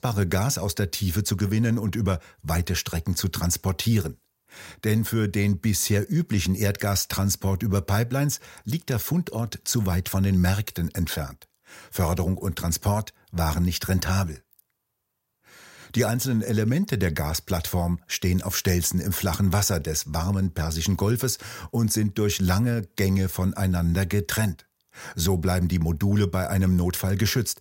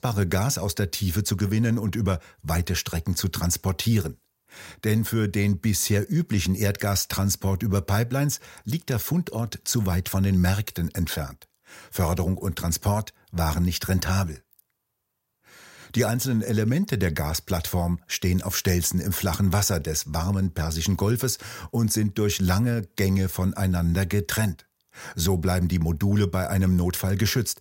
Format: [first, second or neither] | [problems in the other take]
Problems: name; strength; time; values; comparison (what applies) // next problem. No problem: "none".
neither | none